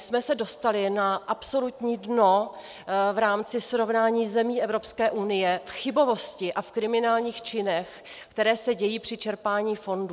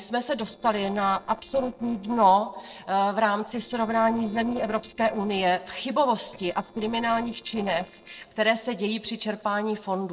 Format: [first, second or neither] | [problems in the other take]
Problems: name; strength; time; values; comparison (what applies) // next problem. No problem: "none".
first | noise reduction (neural separator model SepFormer DNS4)